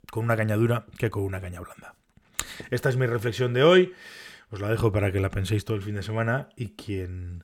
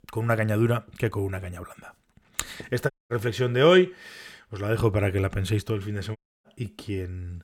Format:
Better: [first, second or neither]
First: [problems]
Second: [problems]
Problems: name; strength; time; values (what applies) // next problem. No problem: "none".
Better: first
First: none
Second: audio cutting out; at 3 s and at 6 s